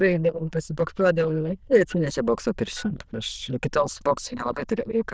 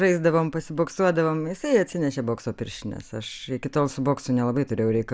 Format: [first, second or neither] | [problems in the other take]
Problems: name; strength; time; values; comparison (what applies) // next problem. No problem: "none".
second | noise reduction (neural diffusion model UNIVERSE++)